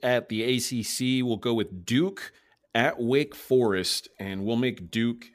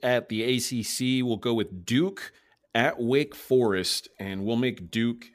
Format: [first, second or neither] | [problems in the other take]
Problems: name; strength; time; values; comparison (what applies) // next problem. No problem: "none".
neither | none